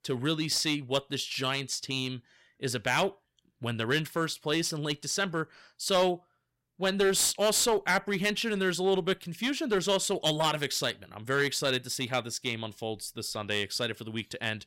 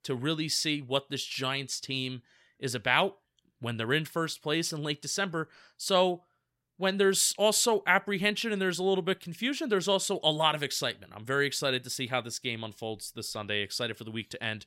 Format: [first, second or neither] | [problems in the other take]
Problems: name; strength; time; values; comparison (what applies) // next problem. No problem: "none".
second | distortion; slight; 4% of the sound clipped